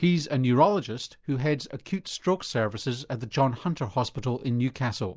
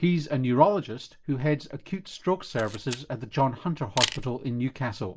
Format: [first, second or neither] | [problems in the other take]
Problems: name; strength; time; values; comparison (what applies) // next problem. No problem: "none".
first | background sound (Camera); 9 dB below the speech // room echo; dies away in 0.2 s